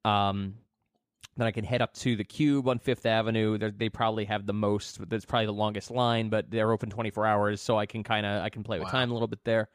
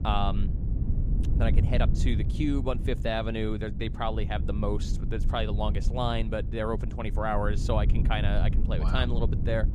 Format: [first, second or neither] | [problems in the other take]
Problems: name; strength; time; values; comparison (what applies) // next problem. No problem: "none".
first | low rumble; noticeable; throughout; 10 dB below the speech